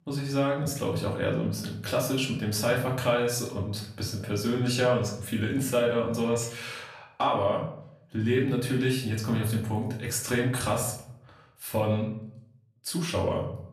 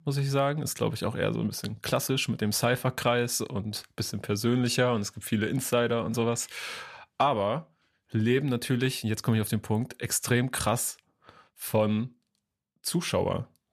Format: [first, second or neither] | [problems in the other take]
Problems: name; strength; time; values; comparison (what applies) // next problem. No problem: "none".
second | off-mic speech; far // room echo; slight; dies away in 0.6 s